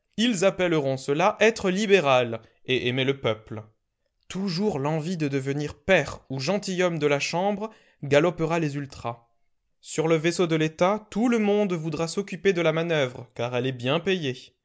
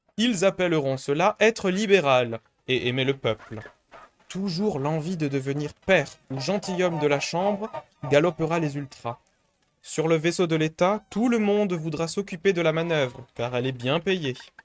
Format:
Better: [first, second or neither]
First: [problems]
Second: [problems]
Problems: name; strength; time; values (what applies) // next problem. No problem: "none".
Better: first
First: none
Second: noise reduction (neural mask model RNNoise)